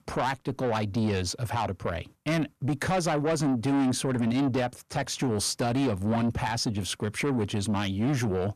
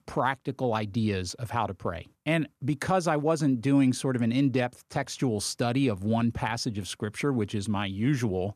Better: second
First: distortion; heavy; 8 dB below the speech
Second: none

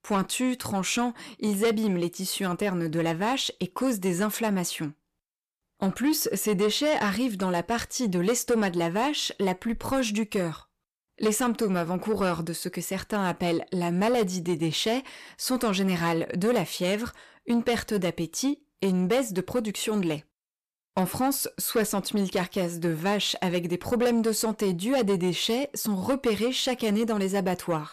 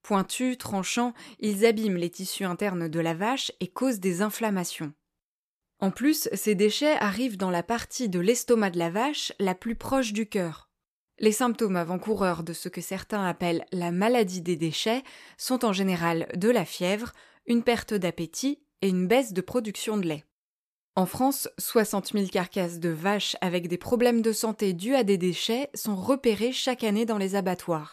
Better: second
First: distortion; slight; 10 dB below the speech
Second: none

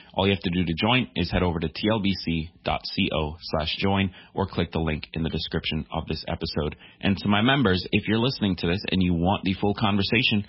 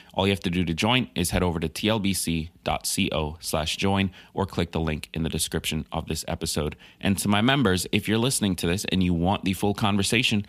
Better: second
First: garbled, watery; badly; nothing above 5.5 kHz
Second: none

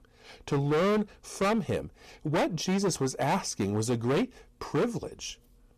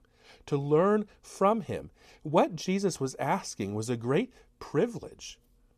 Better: second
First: distortion; heavy; 13% of the sound clipped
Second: none

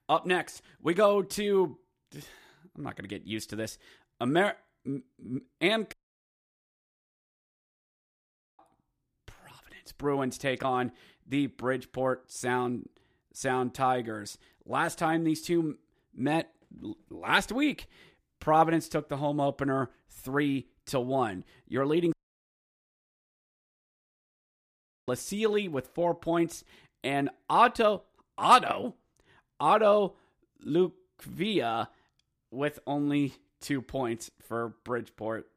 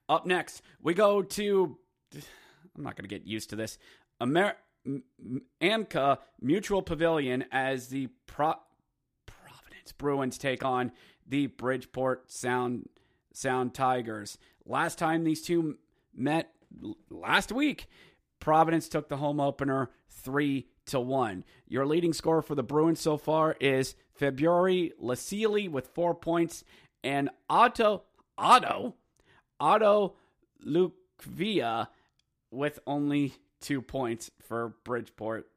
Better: second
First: audio cutting out; at 6 s for 2.5 s and at 22 s for 3 s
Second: none

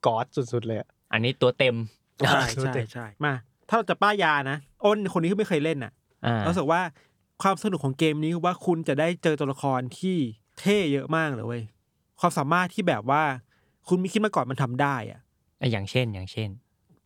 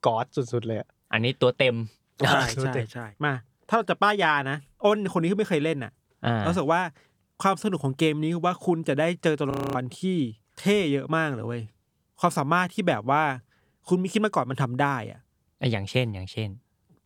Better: first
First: none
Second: audio freezing; at 9.5 s

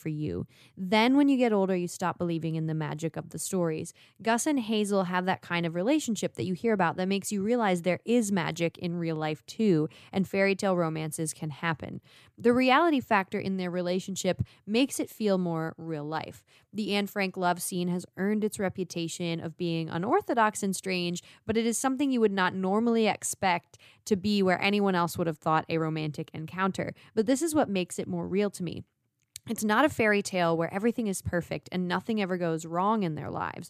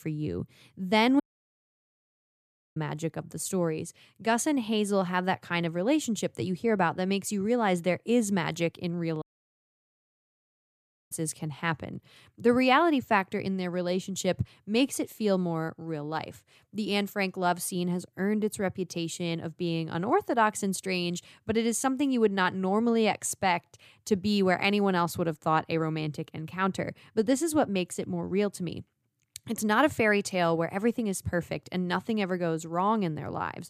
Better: first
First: none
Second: audio cutting out; at 1 s for 1.5 s and at 9 s for 2 s

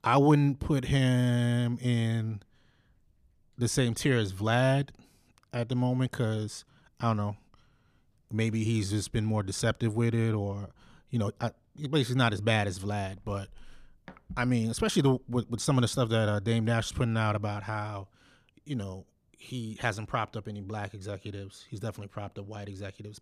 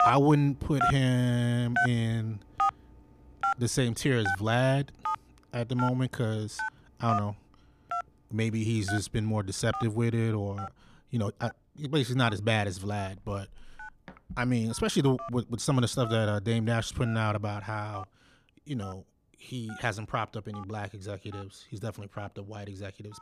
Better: first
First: none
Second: alarms or sirens; loud; throughout; 5 dB below the speech

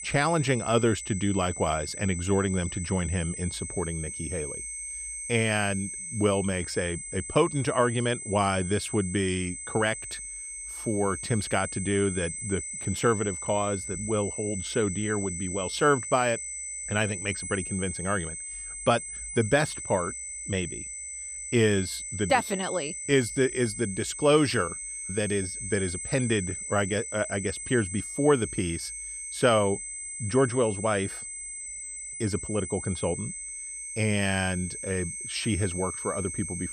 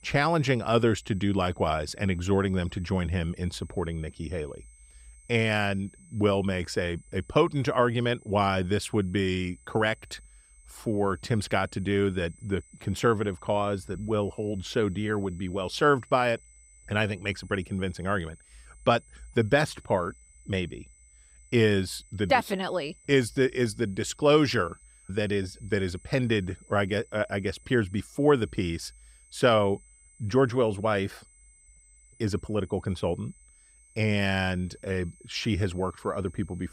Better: second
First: high-pitched whine; loud; throughout; 8 kHz, 6 dB below the speech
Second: high-pitched whine; faint; throughout; 8 kHz, 30 dB below the speech

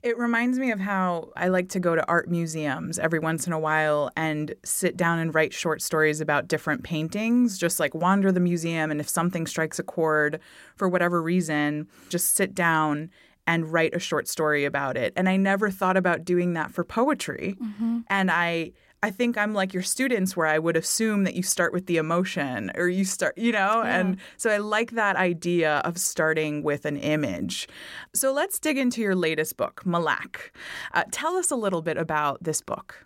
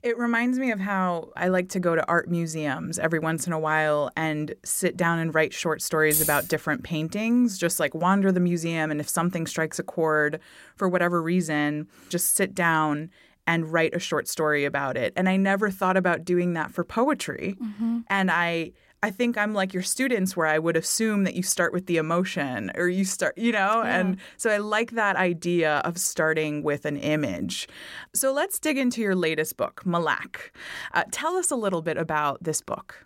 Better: first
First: none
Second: jangling keys; loud; at 6 s; peak 2 dB above the speech

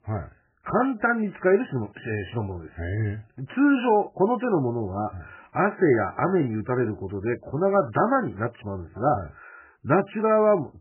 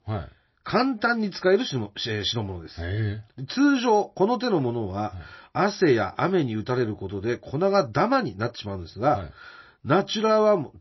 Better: second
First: garbled, watery; badly; nothing above 3 kHz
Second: garbled, watery; slightly; nothing above 5.5 kHz

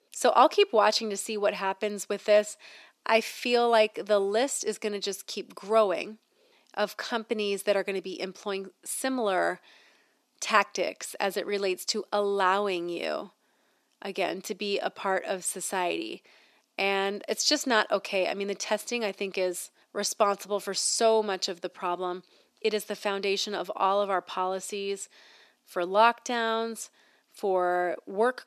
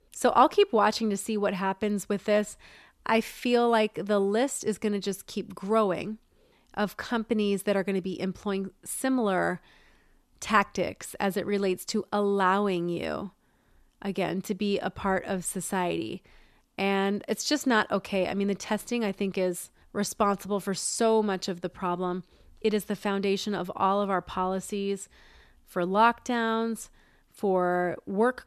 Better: second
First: thin; somewhat; fading below 300 Hz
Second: none

